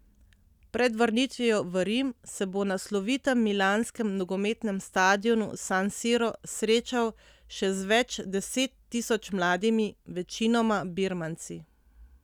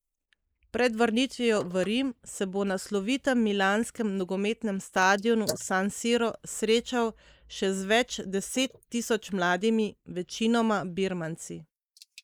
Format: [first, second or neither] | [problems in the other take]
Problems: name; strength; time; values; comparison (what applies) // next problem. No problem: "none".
first | noise reduction (neural mask model Resemble Enhance denoiser)